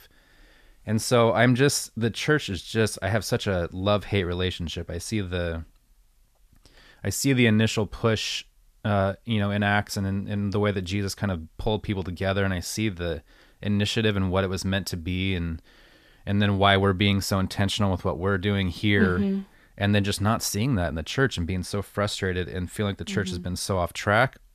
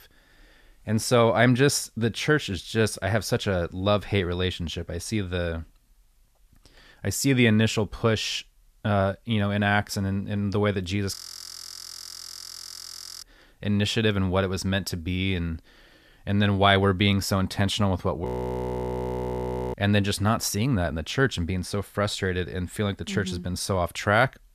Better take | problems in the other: first | audio freezing; at 11 s for 2 s and at 18 s for 1.5 s

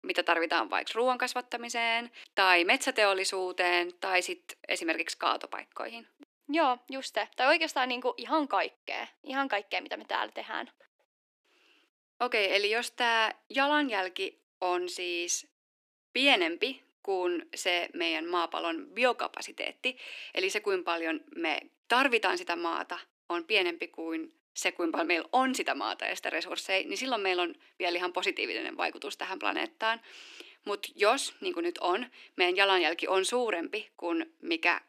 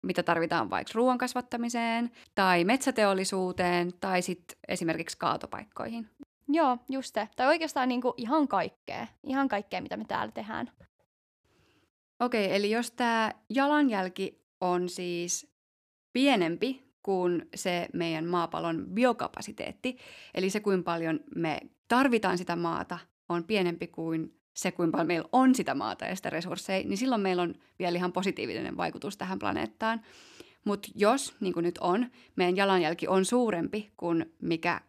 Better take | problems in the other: second | thin; somewhat; fading below 300 Hz

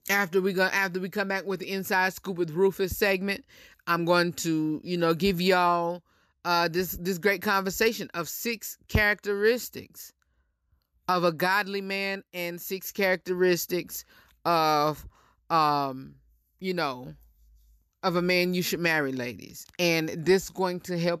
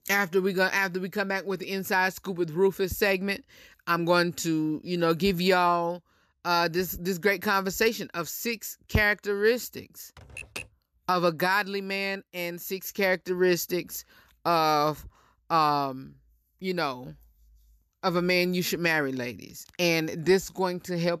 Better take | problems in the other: first | keyboard typing; faint; at 10 s; peak 10 dB below the speech

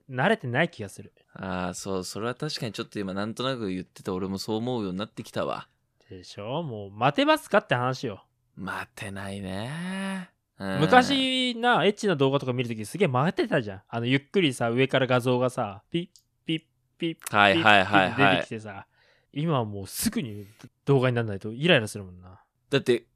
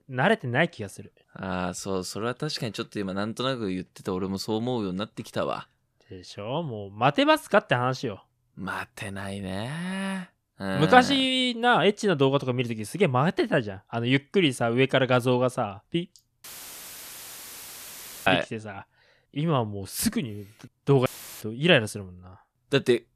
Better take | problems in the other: first | audio cutting out; filled with static; at 16 s for 2 s and at 21 s

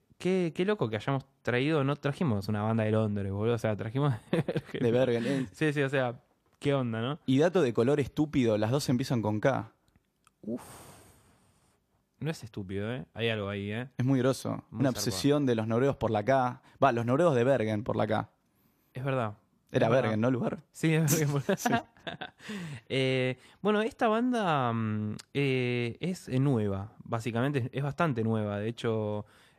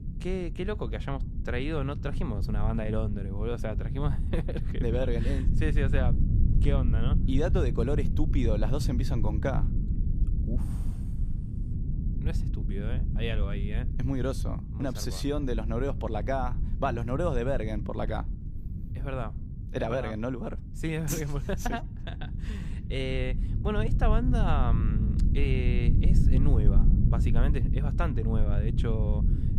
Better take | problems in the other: first | low rumble; loud; throughout; 9 dB below the speech

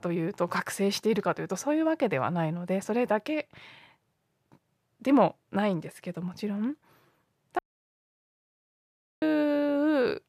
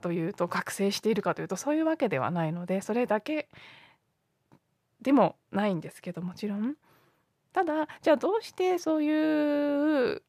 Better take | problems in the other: second | audio cutting out; at 7.5 s for 1.5 s

